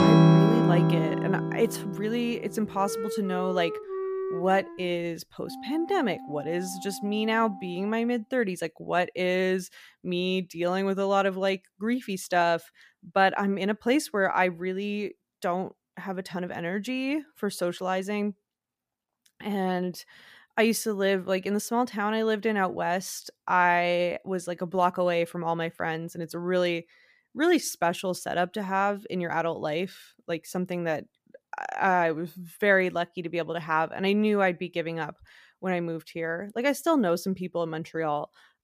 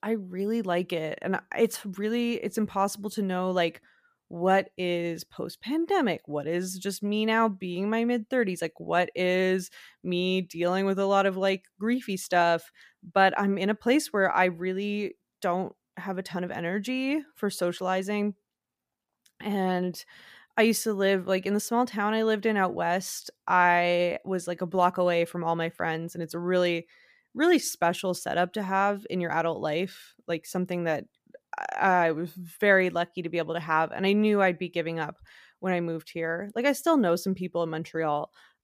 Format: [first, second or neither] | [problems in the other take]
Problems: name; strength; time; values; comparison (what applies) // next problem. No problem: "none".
second | background music; very loud; until 8 s; 2 dB above the speech